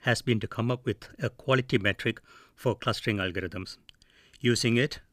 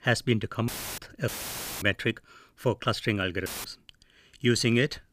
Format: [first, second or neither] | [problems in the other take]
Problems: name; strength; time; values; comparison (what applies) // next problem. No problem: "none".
first | audio cutting out; filled with static; at 0.5 s, at 1.5 s for 0.5 s and at 3.5 s